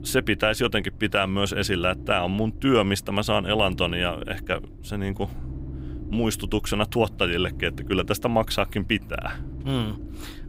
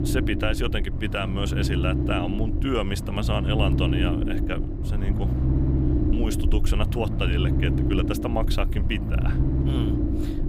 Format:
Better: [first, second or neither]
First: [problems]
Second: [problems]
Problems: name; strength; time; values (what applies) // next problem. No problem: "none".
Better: first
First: low rumble; faint; throughout; 20 dB below the speech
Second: low rumble; loud; throughout; 3 dB below the speech